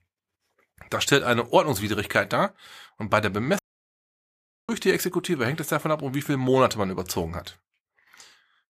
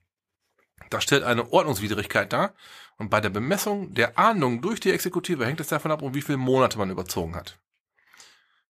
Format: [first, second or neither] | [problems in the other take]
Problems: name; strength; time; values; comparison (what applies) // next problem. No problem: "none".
second | audio cutting out; at 3.5 s for 1 s